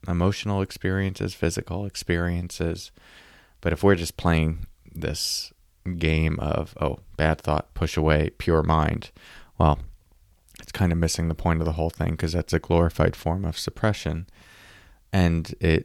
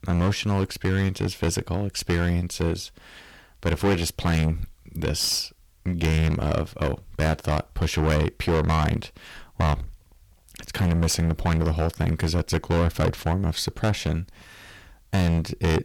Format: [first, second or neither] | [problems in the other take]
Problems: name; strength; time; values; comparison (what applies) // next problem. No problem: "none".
first | distortion; heavy; 12% of the sound clipped